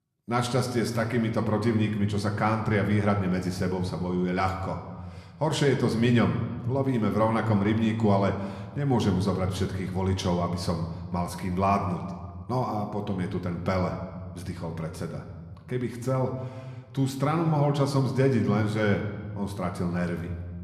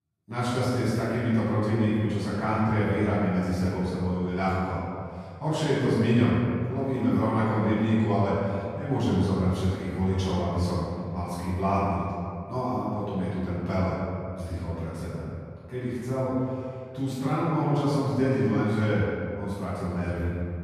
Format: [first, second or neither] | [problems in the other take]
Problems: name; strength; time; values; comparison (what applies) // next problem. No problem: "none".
first | room echo; strong; dies away in 2.1 s; slight in the first // off-mic speech; far